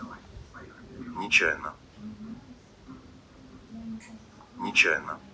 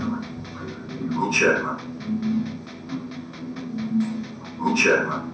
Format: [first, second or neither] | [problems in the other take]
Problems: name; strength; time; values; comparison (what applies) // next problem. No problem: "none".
first | background sound (Electric guitar); 12 dB below the speech // room echo; dies away in 0.6 s